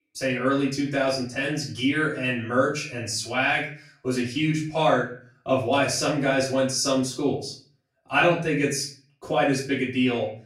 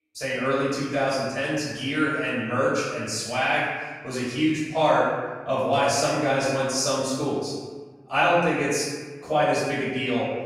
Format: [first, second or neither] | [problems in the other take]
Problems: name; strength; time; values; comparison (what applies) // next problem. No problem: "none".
first | room echo; strong; dies away in 1.3 s; slight in the first // off-mic speech; far; far in the first